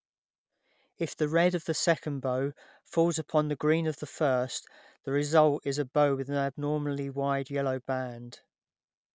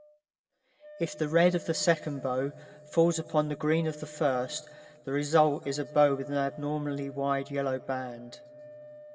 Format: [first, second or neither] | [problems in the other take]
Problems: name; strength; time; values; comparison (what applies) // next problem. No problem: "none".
first | background sound (Wind instrument, woodwind instrument); 20 dB below the speech // room echo; dies away in 1.3 s